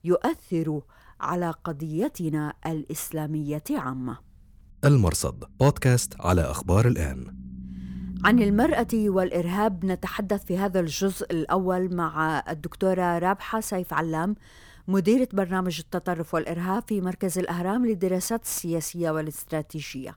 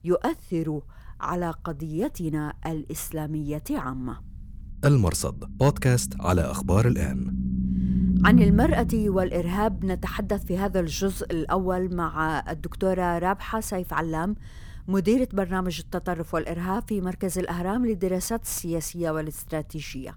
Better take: first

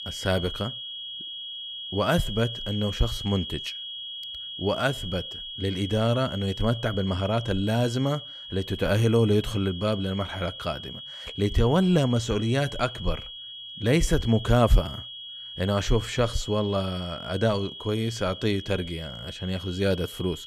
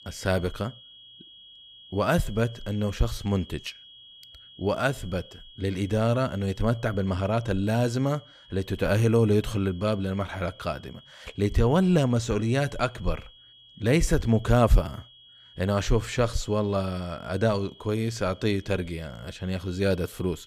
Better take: second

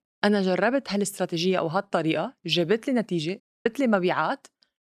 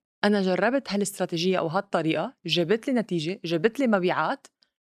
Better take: second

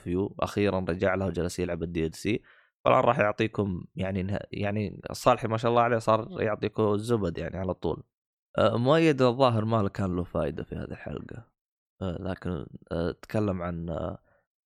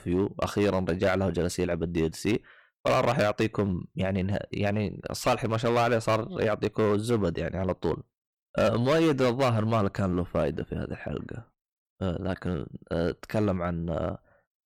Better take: first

